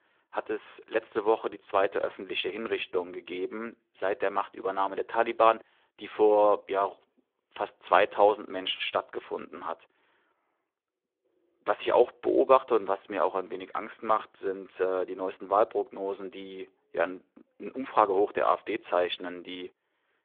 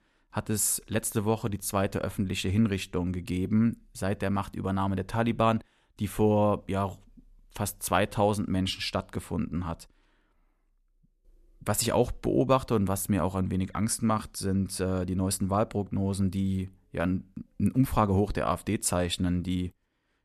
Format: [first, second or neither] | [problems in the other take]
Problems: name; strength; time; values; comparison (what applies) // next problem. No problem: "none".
second | phone-call audio; nothing above 3.5 kHz